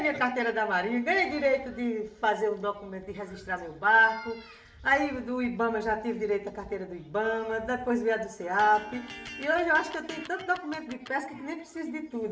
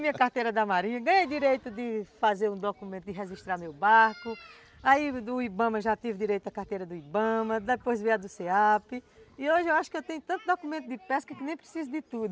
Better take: second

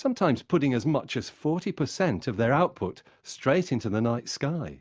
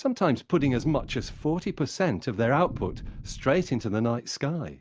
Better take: first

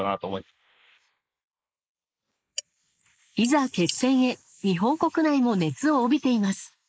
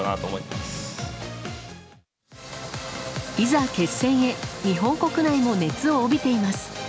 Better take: second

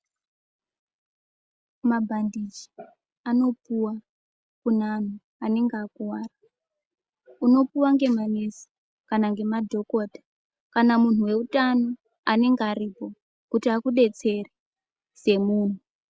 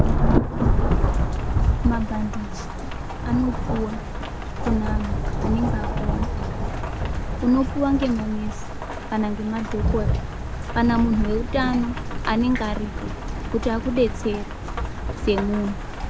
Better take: first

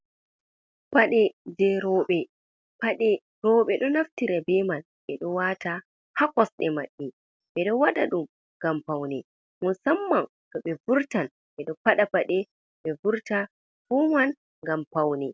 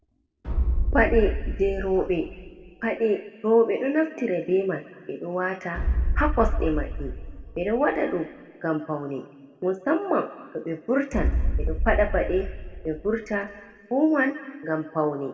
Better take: first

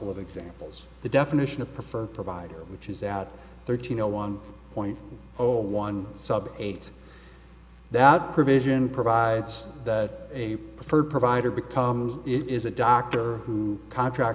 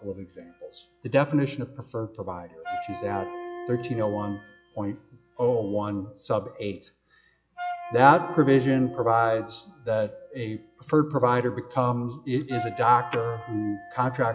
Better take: first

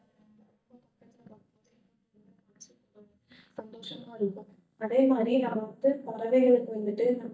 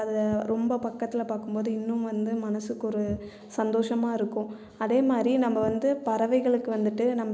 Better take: second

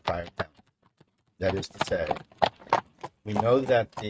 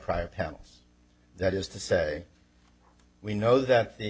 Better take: second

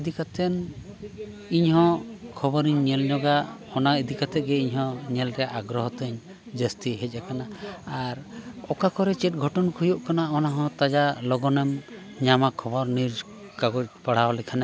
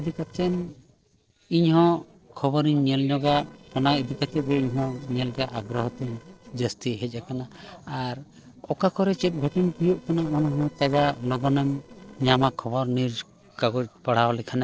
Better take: first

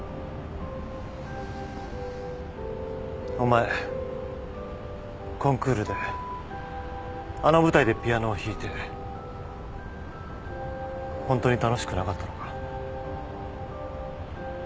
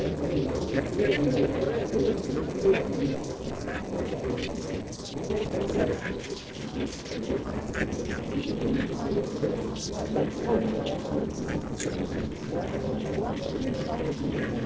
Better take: first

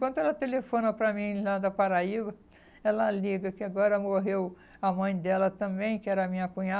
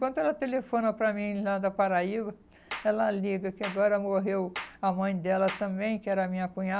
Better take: first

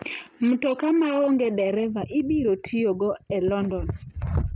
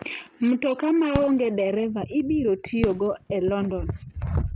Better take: first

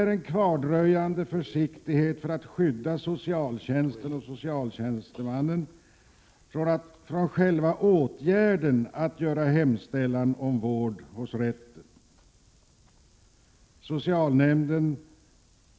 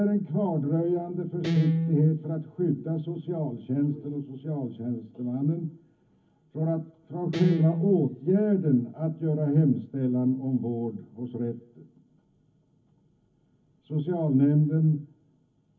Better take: first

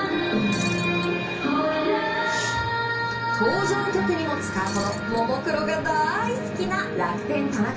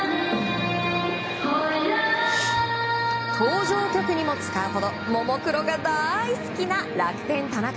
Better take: second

